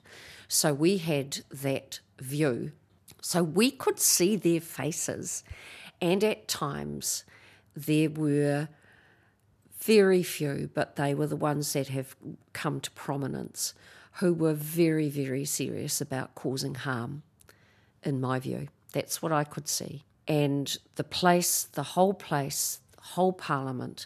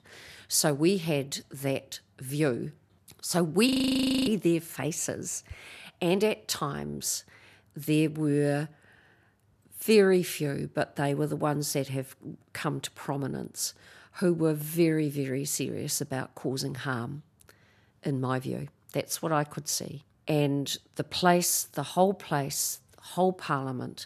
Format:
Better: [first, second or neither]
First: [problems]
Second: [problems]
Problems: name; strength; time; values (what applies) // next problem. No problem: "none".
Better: first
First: none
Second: audio freezing; at 3.5 s for 0.5 s